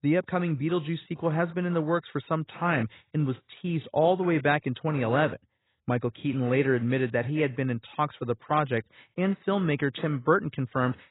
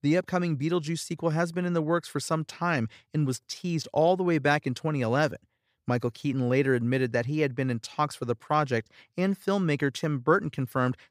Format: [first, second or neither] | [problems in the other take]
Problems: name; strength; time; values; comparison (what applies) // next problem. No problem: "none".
second | garbled, watery; badly; nothing above 4 kHz